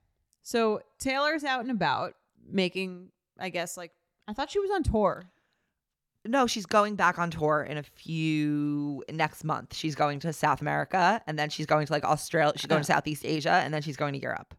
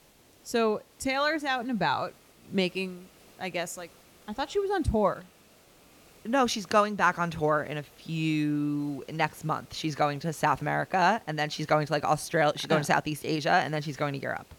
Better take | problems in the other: first | hiss; faint; throughout; 30 dB below the speech

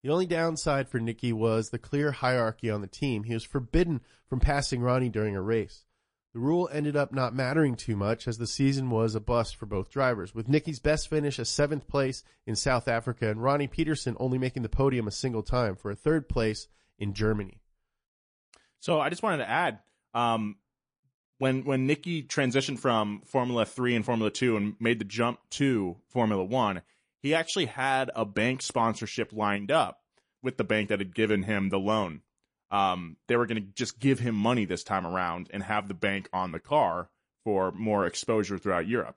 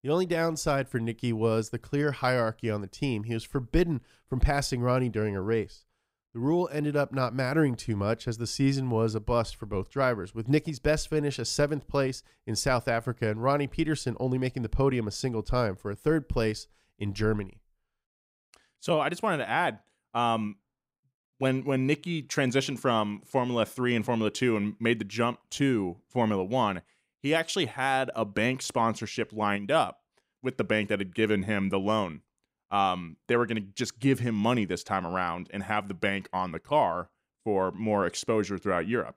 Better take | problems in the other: second | garbled, watery; slightly; nothing above 10.5 kHz

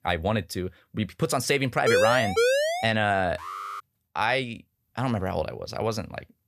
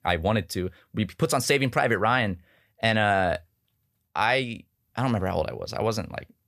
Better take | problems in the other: second | siren; loud; at 2 s; peak 5 dB above the speech // alarm; noticeable; at 3.5 s; peak 8 dB below the speech

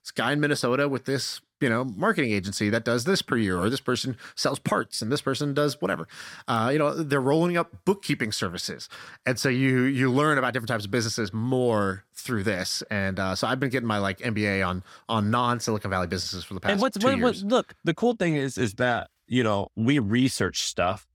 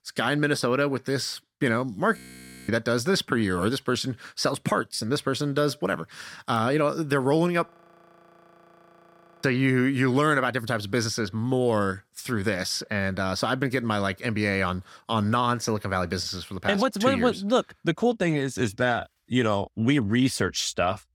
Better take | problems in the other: first | audio freezing; at 2 s for 0.5 s and at 7.5 s for 1.5 s

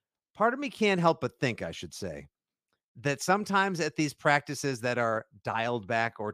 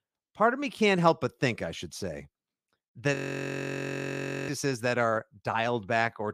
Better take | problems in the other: first | audio freezing; at 3 s for 1.5 s

